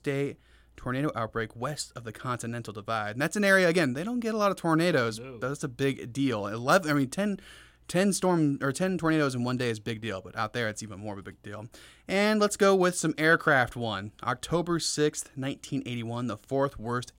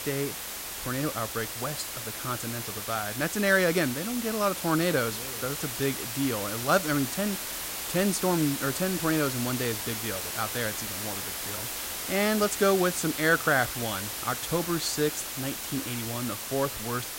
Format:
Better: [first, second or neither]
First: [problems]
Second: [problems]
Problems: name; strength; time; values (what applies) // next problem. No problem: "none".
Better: first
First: none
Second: hiss; loud; throughout; 4 dB below the speech